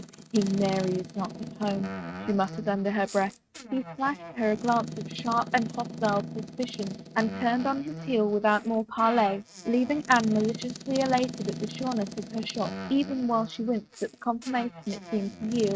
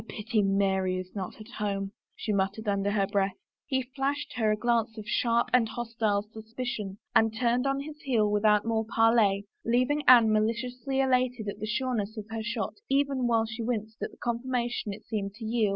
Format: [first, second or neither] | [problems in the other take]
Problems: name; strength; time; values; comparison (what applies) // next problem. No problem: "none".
second | noise reduction (neural mask model RNNoise)